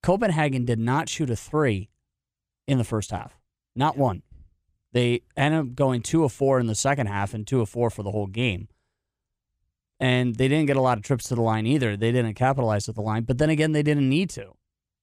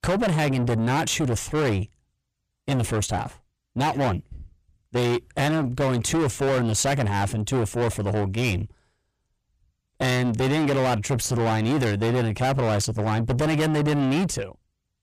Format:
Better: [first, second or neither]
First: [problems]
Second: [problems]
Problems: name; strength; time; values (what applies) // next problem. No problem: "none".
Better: first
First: none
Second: distortion; heavy; 5 dB below the speech